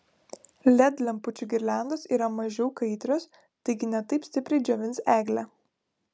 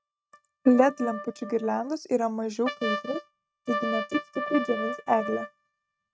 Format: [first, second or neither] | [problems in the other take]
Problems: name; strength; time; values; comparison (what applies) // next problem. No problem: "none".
first | noise reduction (neural mask model RNNoise)